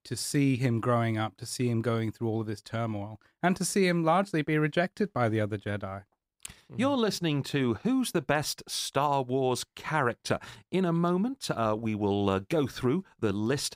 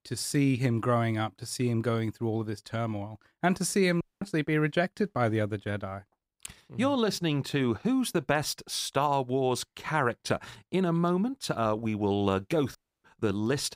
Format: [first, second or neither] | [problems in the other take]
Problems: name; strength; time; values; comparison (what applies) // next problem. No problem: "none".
first | audio cutting out; at 4 s and at 13 s